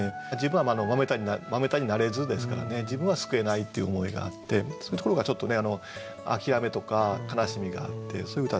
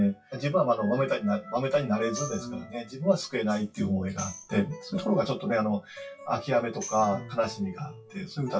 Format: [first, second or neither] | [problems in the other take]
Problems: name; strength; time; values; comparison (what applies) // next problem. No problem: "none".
first | noise reduction (classical method WPE with log-MMSE)